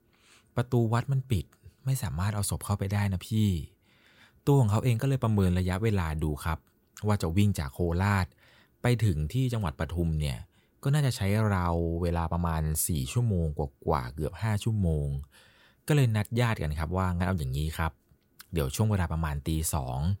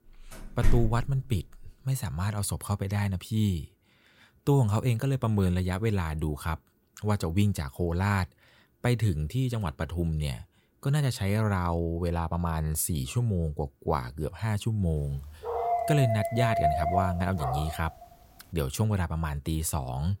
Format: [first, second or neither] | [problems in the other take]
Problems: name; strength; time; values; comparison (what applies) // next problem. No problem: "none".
first | door banging; noticeable; at 0.5 s; peak 1 dB below the speech // dog barking; loud; from 15 to 18 s; peak 3 dB above the speech